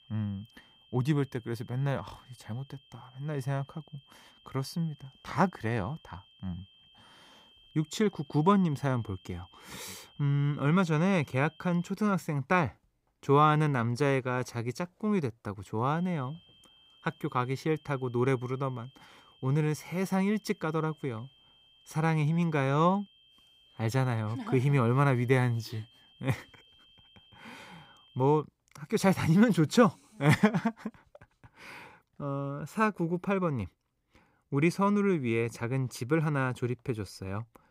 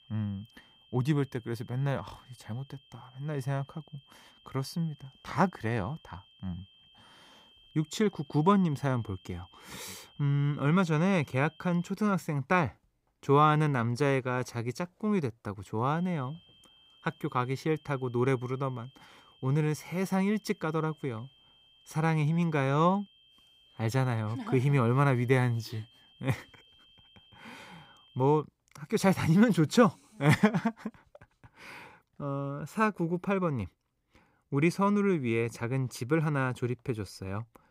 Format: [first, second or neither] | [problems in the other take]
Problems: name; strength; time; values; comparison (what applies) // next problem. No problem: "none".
neither | high-pitched whine; faint; until 12 s and from 16 to 28 s; 3 kHz, 30 dB below the speech; the same in both